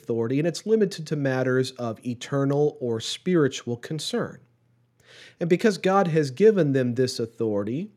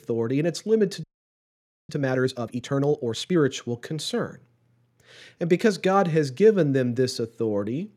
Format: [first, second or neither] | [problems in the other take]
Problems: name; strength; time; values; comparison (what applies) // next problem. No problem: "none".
first | audio freezing; at 1 s for 1 s